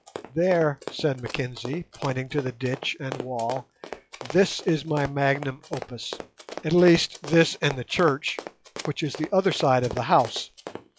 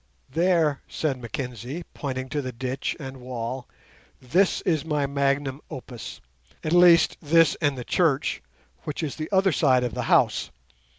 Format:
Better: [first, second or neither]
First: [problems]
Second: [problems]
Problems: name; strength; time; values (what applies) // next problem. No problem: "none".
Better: second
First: noise reduction (classical method log-MMSE)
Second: none